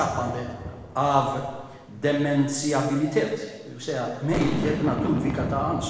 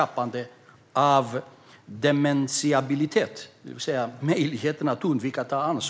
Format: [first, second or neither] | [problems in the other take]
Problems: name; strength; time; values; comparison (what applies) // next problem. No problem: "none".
second | background sound (Boom); 8 dB below the speech // room echo; dies away in 1.2 s